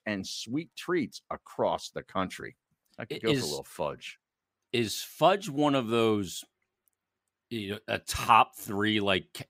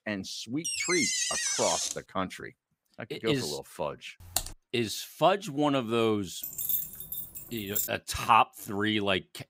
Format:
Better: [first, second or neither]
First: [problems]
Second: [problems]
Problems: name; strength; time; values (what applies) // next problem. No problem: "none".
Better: first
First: none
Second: door banging; loud; from 0.5 to 2 s; peak 4 dB above the speech // keyboard typing; noticeable; at 4.5 s; peak 3 dB below the speech // jangling keys; loud; from 6.5 to 8 s; peak 2 dB above the speech